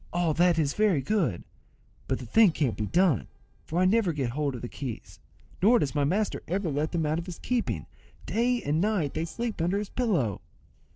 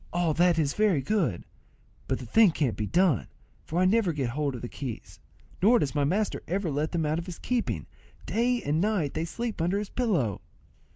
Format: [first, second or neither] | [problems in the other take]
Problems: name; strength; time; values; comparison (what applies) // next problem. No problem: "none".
second | noise reduction (neural separator model SepFormer DNS4)